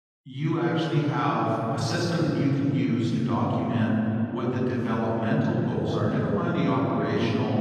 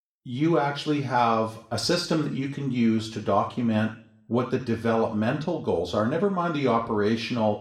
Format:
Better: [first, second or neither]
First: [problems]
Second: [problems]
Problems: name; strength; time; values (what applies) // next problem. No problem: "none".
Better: second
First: room echo; strong; dies away in 3 s // off-mic speech; far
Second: room echo; slight; dies away in 0.5 s // off-mic speech; somewhat distant